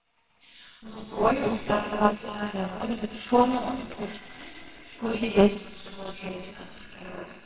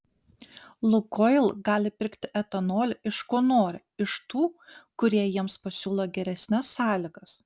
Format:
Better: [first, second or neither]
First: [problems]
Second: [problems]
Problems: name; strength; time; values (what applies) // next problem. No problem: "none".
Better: second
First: noise reduction (neural separator model SepFormer WHAMR!)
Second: none